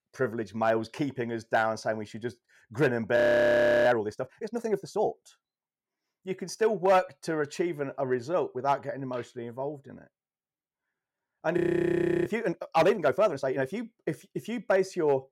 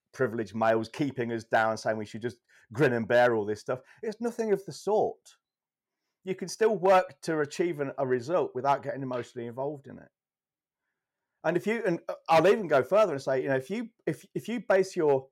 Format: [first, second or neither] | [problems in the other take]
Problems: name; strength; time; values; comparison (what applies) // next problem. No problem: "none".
second | audio freezing; at 3 s for 0.5 s and at 12 s for 0.5 s